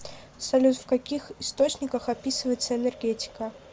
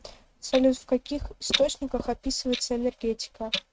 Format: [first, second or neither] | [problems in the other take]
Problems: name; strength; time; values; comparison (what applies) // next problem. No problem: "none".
first | noise reduction (neural mask model RNNoise)